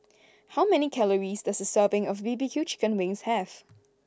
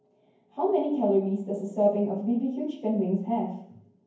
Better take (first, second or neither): first